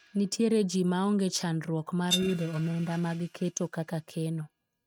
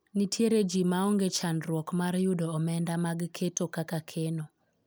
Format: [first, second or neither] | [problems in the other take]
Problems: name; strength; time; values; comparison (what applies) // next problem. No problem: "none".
second | noise reduction (neural mask model RNNoise)